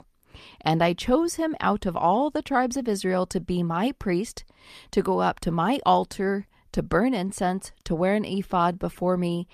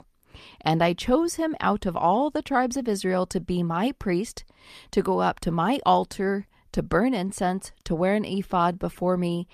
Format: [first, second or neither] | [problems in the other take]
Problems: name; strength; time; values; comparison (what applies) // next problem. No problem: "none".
neither | none